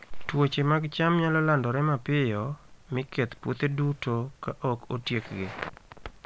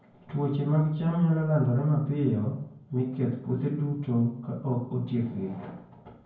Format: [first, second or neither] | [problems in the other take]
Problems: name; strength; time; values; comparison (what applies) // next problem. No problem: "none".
first | room echo; dies away in 0.9 s